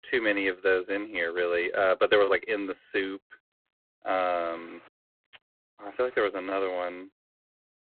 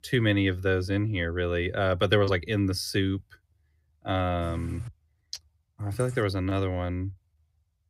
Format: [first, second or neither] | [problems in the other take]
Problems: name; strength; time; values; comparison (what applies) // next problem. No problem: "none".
second | phone-call audio; poor line